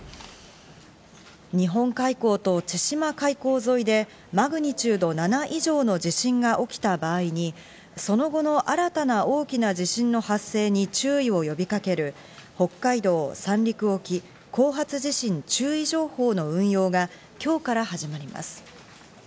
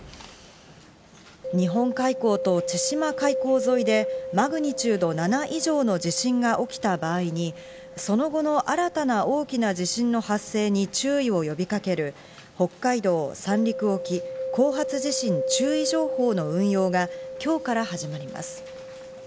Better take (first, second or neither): first